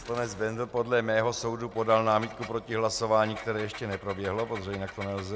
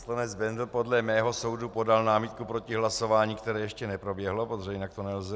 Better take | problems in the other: second | background sound (Engine); 17 dB below the speech

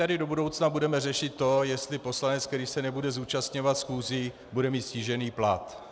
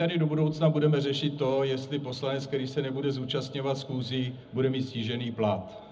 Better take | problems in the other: first | room echo; dies away in 0.4 s

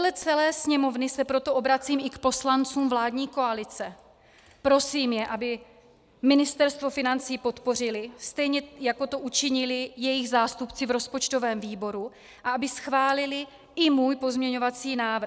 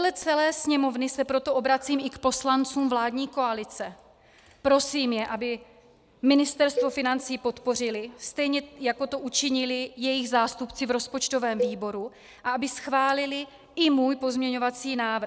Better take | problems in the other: first | background sound (Cowbell); 9 dB below the speech

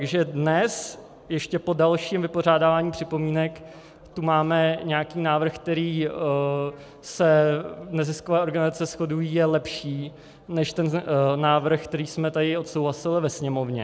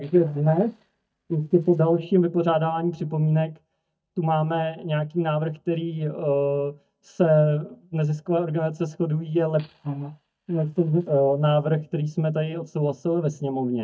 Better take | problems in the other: first | noise reduction (neural mask model DeepFilterNet 3)

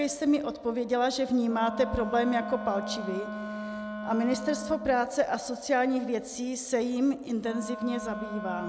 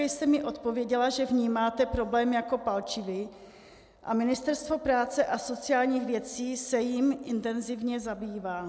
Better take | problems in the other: second | background sound (Wind instrument, woodwind instrument); 10 dB below the speech

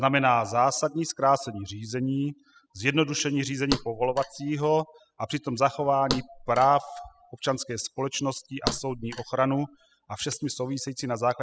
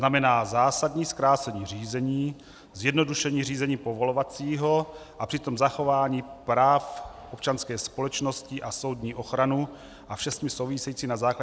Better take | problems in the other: second | noise reduction (classical method spectral subtraction)

